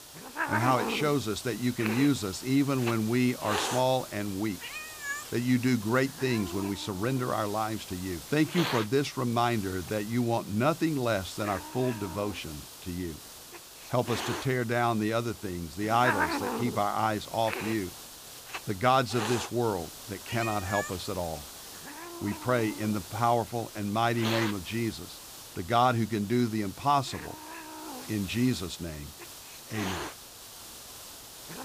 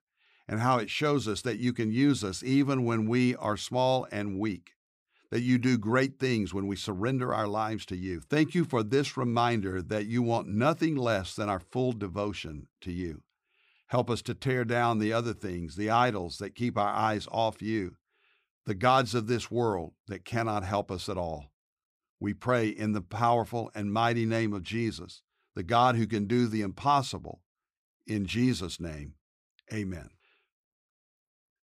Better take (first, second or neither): second